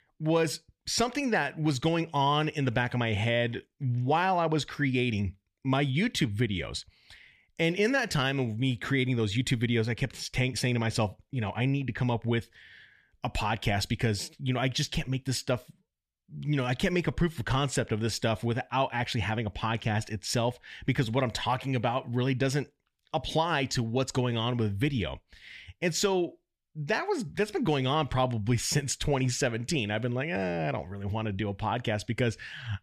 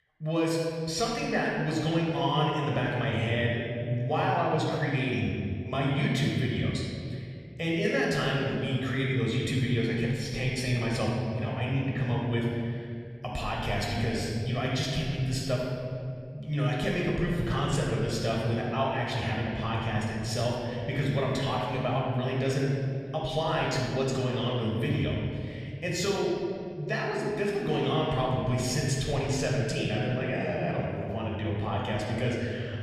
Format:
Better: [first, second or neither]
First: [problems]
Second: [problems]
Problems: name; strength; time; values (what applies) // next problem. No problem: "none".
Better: first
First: none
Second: room echo; noticeable; dies away in 2.3 s // off-mic speech; far